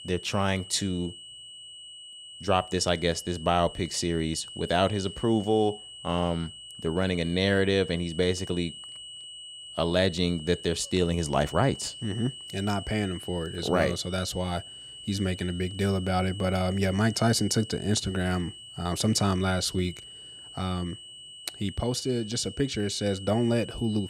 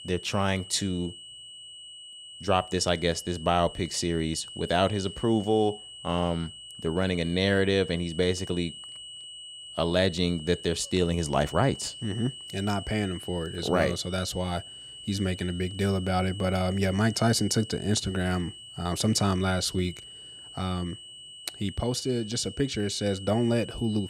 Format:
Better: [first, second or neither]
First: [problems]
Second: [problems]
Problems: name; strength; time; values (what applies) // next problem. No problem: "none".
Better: neither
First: high-pitched whine; noticeable; throughout; 3 kHz, 15 dB below the speech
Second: high-pitched whine; noticeable; throughout; 3 kHz, 15 dB below the speech